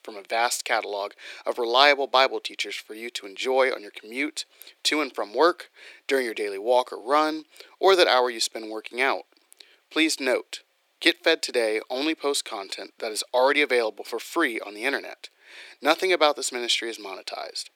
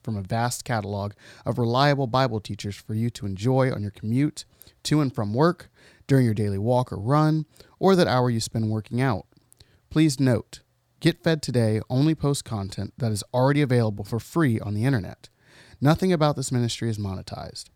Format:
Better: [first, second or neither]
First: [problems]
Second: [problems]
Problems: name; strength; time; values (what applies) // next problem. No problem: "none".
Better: second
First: thin; very; fading below 350 Hz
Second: none